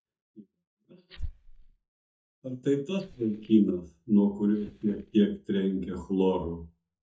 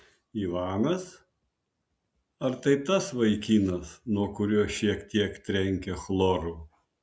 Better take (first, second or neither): second